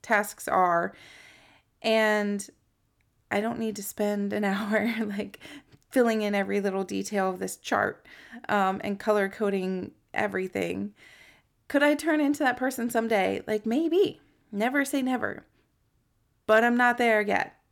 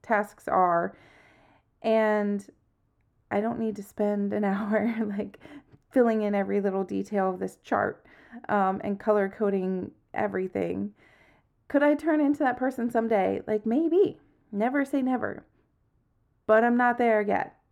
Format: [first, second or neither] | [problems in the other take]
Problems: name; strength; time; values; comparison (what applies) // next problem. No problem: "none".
first | muffled; slightly; fading above 2 kHz